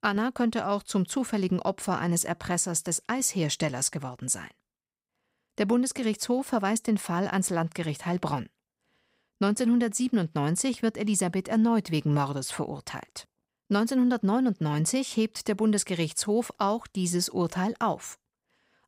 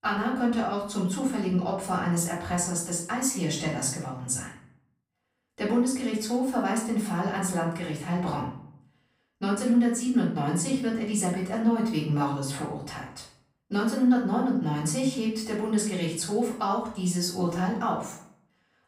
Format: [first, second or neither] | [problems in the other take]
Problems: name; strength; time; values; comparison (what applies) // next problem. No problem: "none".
first | off-mic speech; far // room echo; noticeable; dies away in 0.5 s